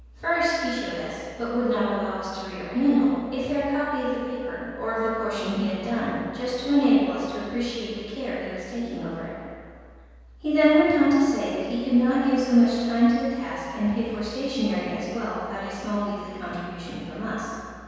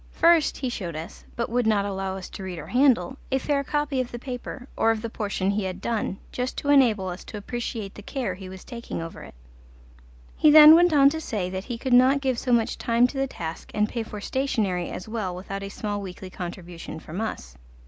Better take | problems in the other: second | room echo; dies away in 1.9 s

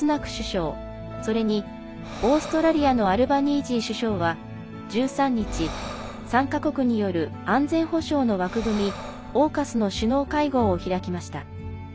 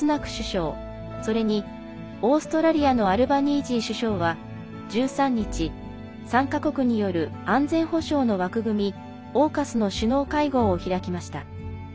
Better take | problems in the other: second | background sound (Breathing); 14 dB below the speech

